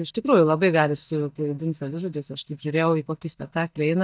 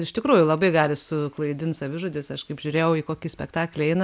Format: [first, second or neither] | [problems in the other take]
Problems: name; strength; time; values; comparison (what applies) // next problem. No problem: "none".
second | noise reduction (neural mask model DeepFilterNet 3)